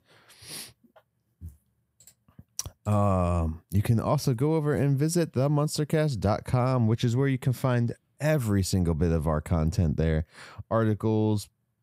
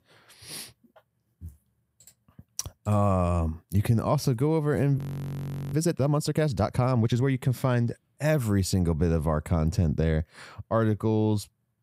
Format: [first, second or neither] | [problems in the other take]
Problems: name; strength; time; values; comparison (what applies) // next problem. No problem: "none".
first | audio freezing; at 5 s for 1 s